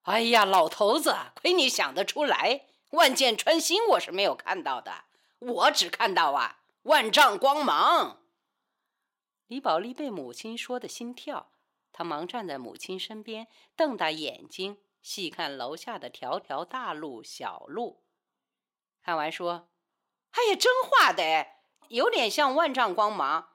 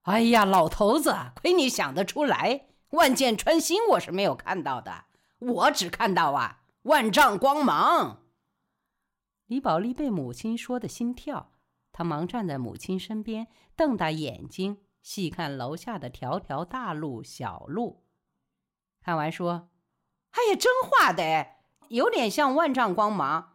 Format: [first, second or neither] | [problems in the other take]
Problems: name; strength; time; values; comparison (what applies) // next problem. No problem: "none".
second | thin; somewhat; fading below 400 Hz